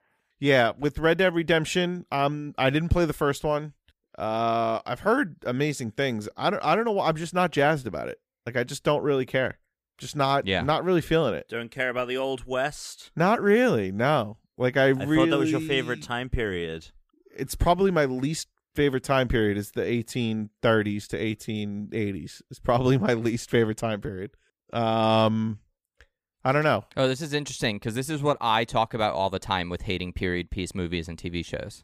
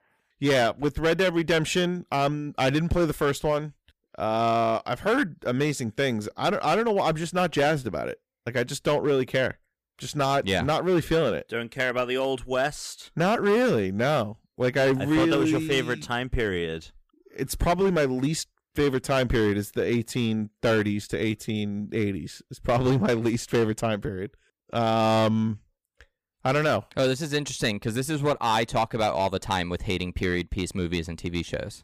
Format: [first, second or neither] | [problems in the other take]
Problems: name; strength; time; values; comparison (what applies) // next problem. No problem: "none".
first | distortion; slight; 6% of the sound clipped